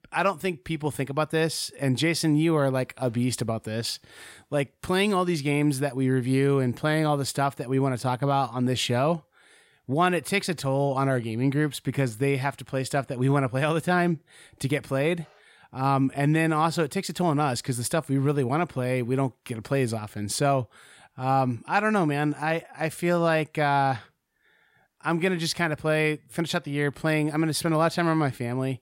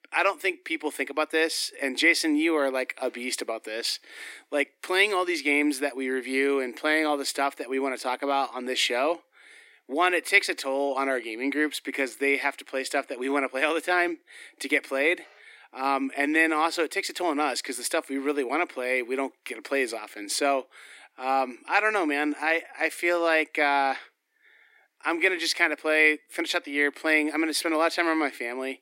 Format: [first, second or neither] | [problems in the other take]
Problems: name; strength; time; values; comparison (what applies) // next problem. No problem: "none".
first | thin; somewhat; fading below 300 Hz